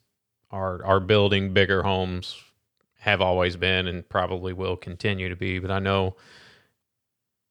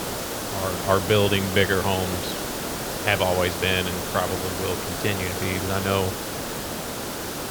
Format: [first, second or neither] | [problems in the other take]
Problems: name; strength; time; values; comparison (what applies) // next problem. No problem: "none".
first | hiss; loud; throughout; 4 dB below the speech